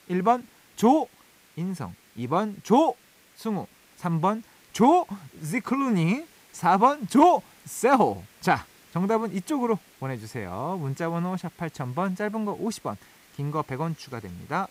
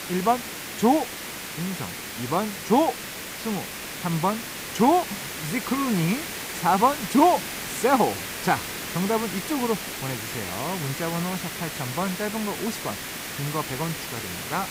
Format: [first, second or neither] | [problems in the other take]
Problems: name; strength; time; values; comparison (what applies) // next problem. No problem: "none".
first | hiss; loud; throughout; 6 dB below the speech; faint in the first